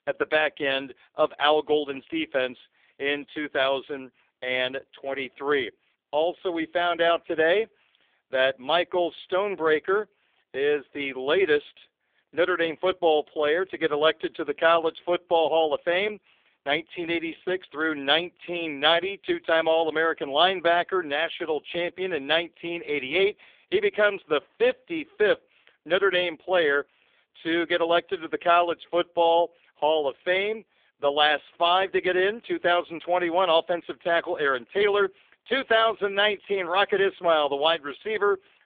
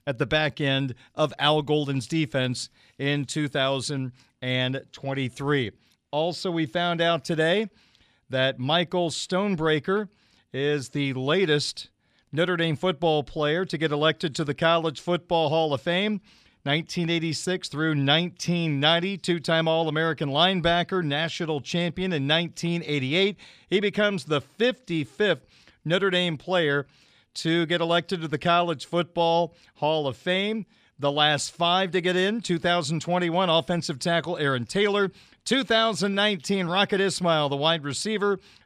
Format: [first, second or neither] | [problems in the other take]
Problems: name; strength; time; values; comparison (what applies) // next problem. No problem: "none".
second | phone-call audio; poor line; nothing above 3.5 kHz